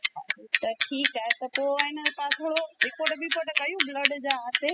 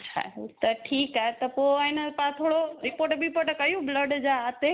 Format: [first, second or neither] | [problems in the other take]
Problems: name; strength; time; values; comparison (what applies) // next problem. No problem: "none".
second | noise reduction (classical method spectral subtraction)